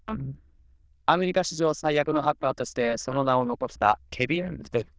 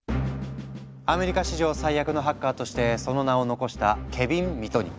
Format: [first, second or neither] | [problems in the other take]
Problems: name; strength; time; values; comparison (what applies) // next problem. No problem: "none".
second | noise reduction (neural diffusion model UNIVERSE++)